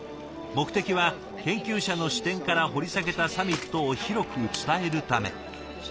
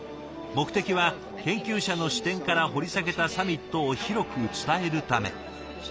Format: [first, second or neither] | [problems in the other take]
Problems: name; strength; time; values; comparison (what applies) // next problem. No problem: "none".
second | background sound (Bicycle); 18 dB below the speech